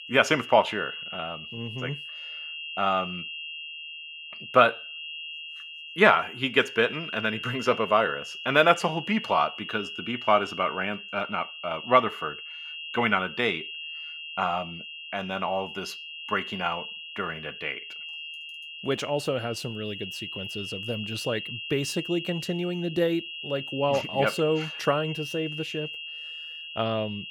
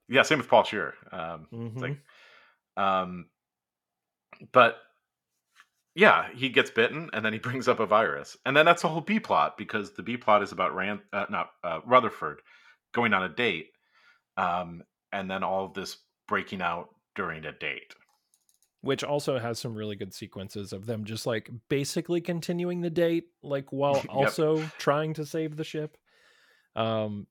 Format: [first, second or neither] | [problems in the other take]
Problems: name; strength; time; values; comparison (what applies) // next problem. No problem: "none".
second | high-pitched whine; loud; throughout; 3 kHz, 9 dB below the speech